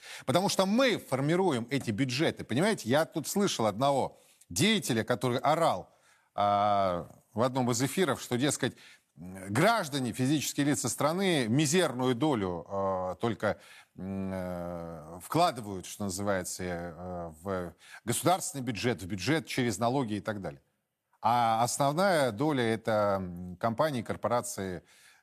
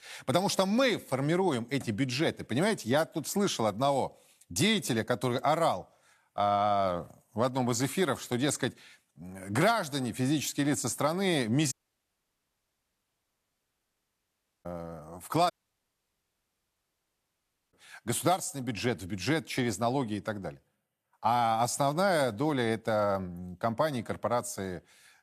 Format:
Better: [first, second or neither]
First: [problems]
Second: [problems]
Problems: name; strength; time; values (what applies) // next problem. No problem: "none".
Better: first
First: none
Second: audio cutting out; at 12 s for 3 s and at 16 s for 2 s